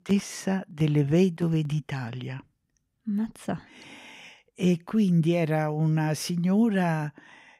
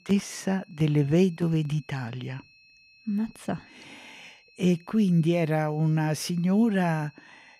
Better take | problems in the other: first | high-pitched whine; faint; throughout; 2.5 kHz, 30 dB below the speech

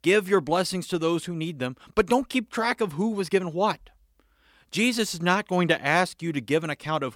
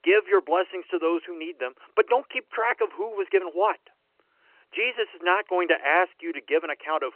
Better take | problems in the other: first | phone-call audio; nothing above 3 kHz

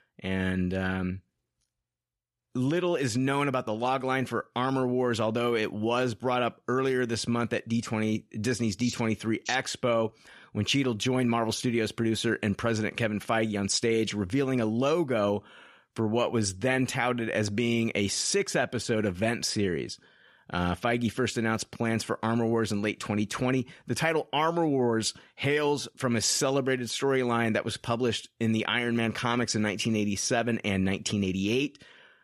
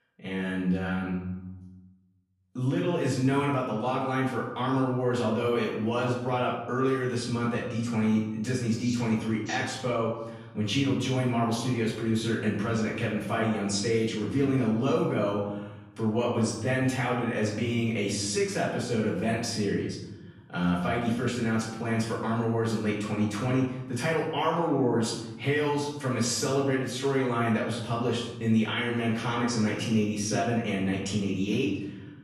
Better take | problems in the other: first | off-mic speech; far // room echo; noticeable; dies away in 1 s

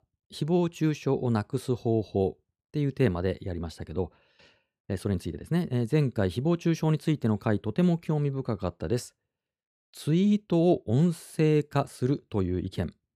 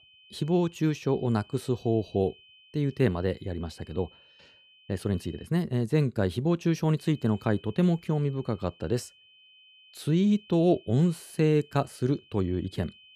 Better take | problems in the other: first | high-pitched whine; faint; until 5.5 s and from 7 s on; 3 kHz, 25 dB below the speech

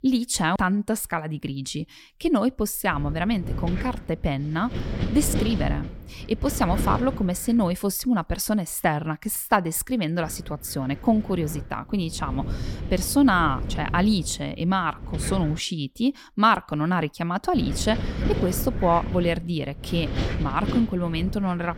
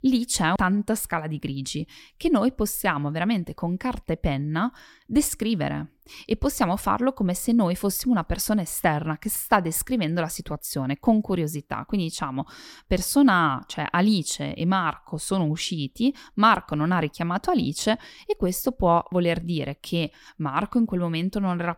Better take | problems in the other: second | wind noise on the microphone; occasional gusts; from 3 to 7.5 s, from 10 to 16 s and from 18 s on; 10 dB below the speech

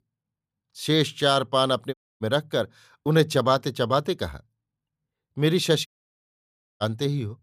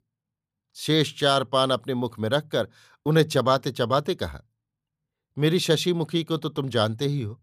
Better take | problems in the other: second | audio cutting out; at 2 s and at 6 s for 1 s

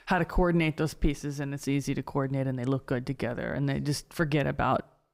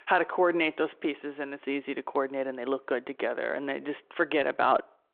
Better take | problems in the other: first | phone-call audio

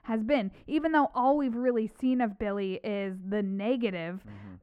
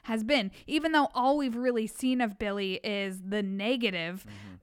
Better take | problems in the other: second | muffled; very; fading above 2.5 kHz

